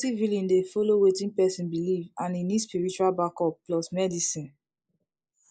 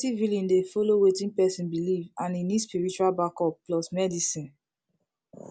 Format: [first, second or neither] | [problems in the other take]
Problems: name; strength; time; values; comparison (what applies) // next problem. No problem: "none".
second | noise reduction (neural mask model Resemble Enhance denoiser)